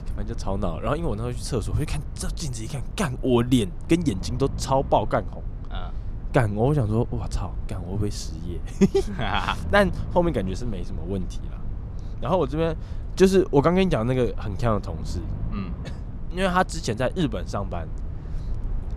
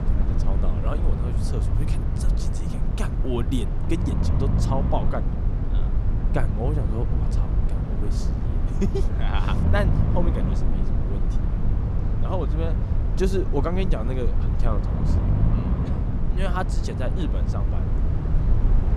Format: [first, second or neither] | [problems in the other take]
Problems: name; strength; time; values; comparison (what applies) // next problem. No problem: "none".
first | low rumble; loud; throughout; 4 dB below the speech; faint in the first